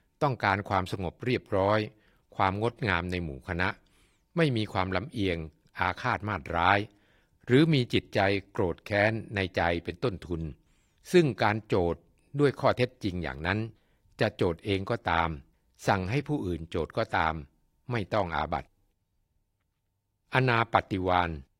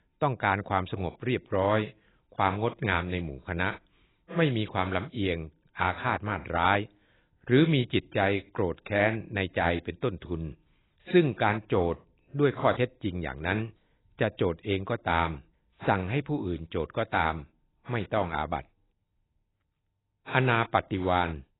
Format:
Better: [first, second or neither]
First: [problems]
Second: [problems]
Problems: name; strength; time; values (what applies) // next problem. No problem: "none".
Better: first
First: garbled, watery; slightly; nothing above 16 kHz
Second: garbled, watery; badly; nothing above 4 kHz